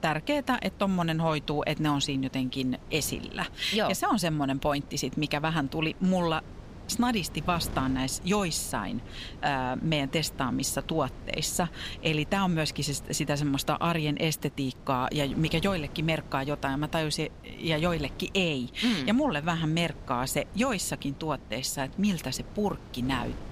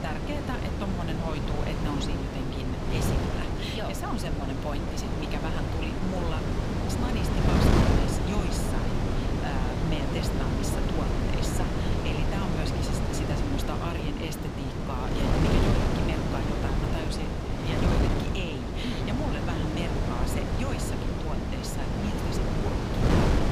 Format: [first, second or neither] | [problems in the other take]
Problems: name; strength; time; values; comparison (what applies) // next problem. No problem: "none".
first | wind noise on the microphone; heavy; 4 dB above the speech; occasional gusts in the first